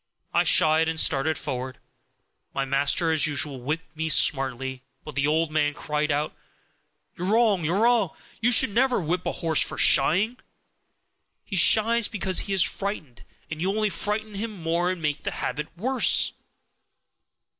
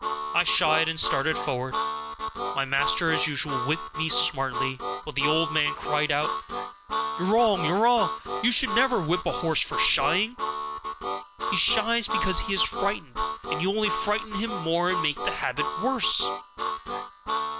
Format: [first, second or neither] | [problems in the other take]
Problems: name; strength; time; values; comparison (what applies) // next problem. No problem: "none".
first | background sound (Harmonica); 4 dB below the speech